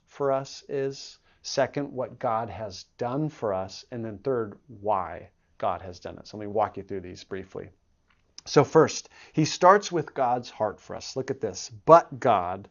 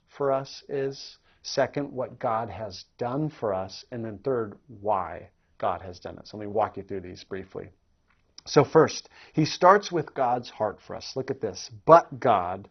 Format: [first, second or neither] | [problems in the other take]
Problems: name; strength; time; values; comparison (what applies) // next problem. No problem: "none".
first | garbled, watery; badly; nothing above 6 kHz; slightly in the first